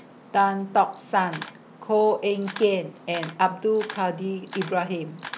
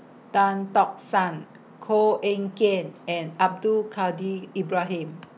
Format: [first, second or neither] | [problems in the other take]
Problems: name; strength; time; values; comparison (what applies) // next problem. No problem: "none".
second | background sound (Camera); 18 dB below the speech